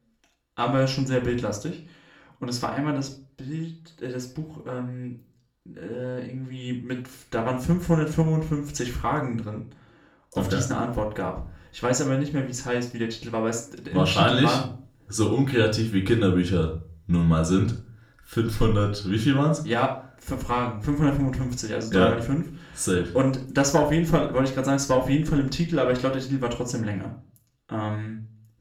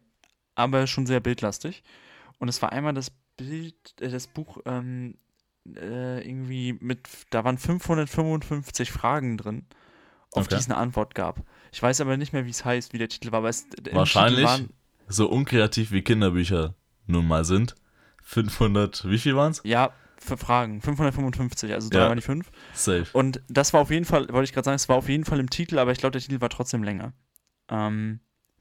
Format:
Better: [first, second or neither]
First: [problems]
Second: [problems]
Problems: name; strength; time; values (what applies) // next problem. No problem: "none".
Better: second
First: off-mic speech; somewhat distant // room echo; slight; dies away in 0.3 s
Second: none